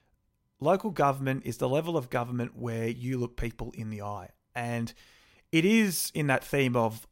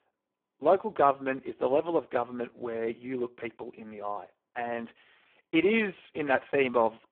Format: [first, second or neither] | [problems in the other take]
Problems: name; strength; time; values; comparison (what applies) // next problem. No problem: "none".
first | phone-call audio; poor line